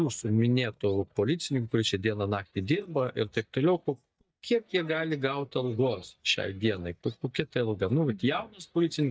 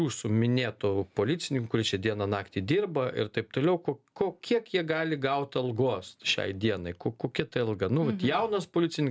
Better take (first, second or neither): second